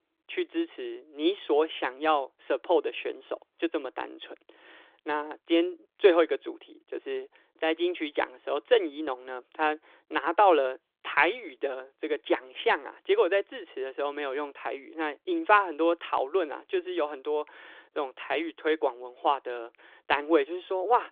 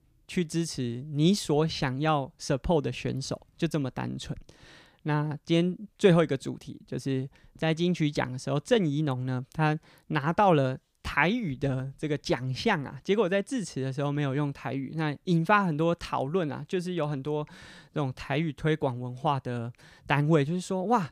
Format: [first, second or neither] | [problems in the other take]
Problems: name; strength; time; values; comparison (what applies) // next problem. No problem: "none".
second | phone-call audio; nothing above 3.5 kHz